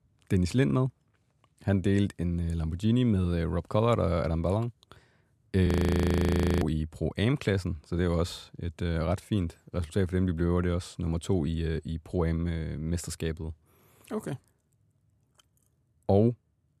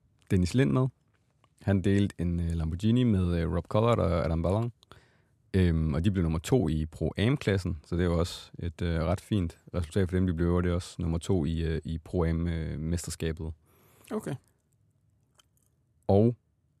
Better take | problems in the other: second | audio freezing; at 5.5 s for 1 s

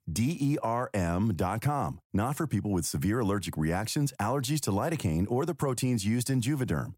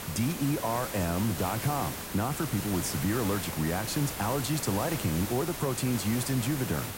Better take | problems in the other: first | hiss; loud; throughout; 5 dB below the speech

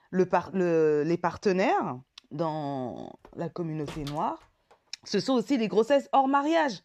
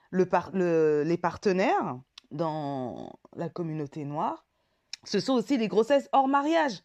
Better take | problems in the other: second | door banging; faint; from 3 to 4.5 s; peak 15 dB below the speech

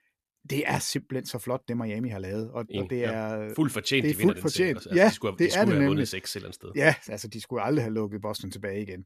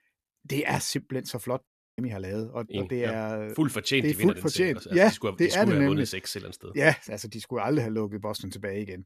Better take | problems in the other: first | audio cutting out; at 1.5 s

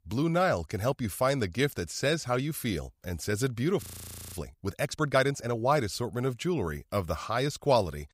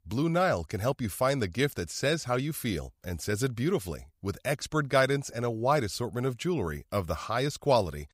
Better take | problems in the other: second | audio freezing; at 4 s for 0.5 s

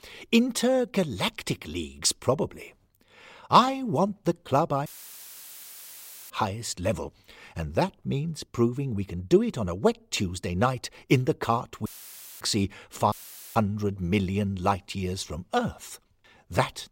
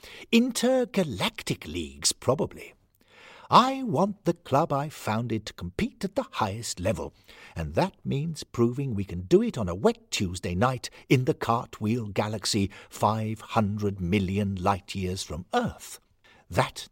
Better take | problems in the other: second | audio cutting out; filled with static; at 5 s for 1.5 s, at 12 s for 0.5 s and at 13 s

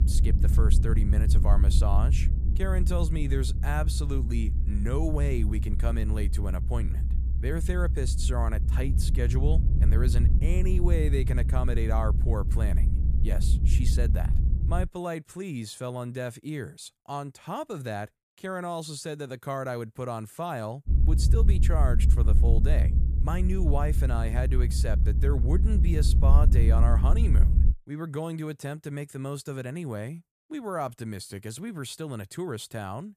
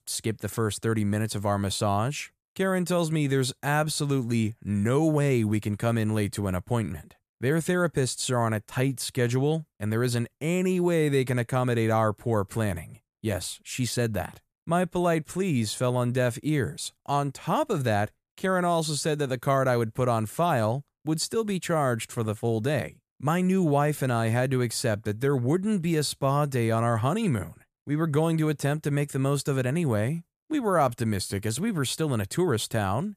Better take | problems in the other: second | low rumble; loud; until 15 s and from 21 to 28 s; 7 dB below the speech

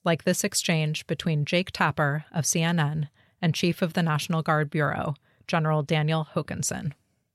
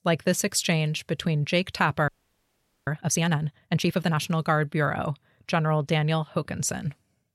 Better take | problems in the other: first | audio freezing; at 2 s for 1 s

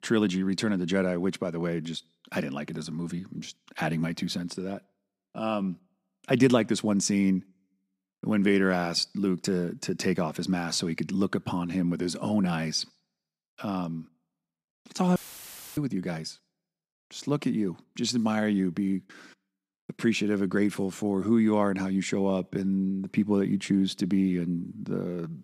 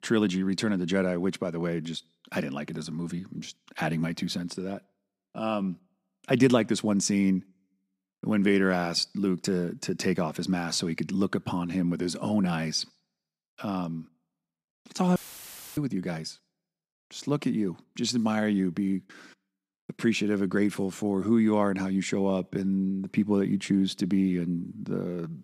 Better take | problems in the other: neither | audio cutting out; filled with static; at 15 s for 0.5 s; the same in both

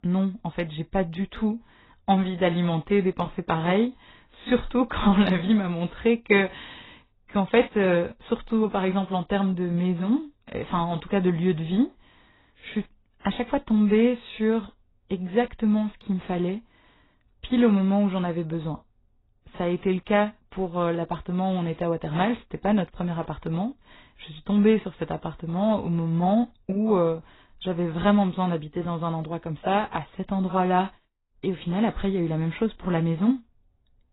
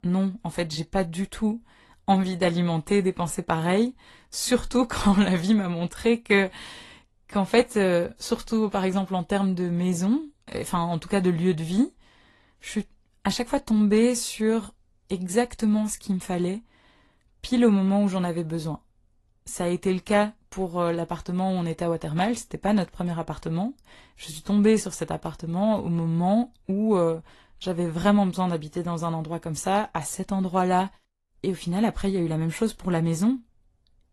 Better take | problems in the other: second | garbled, watery; badly; nothing above 4 kHz; slightly in the second

